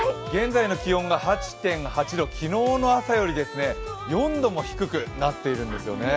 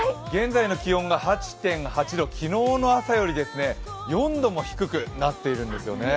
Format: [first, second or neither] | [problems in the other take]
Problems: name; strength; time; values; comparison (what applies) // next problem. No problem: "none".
second | background sound (Bowed string instrument); 15 dB below the speech